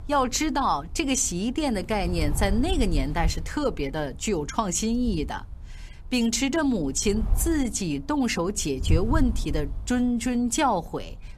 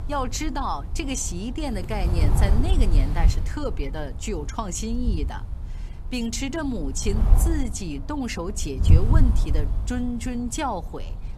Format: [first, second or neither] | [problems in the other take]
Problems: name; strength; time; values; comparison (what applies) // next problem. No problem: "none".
first | wind noise on the microphone; heavy; 10 dB below the speech; occasional gusts in the first